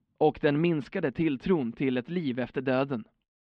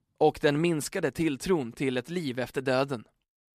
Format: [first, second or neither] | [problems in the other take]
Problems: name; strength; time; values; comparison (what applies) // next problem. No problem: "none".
second | muffled; slightly; fading above 3 kHz